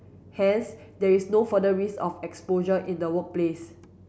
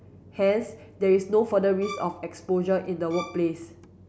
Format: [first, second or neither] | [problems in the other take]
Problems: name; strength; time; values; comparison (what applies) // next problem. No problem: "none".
first | background sound (Bowed string instrument); 15 dB below the speech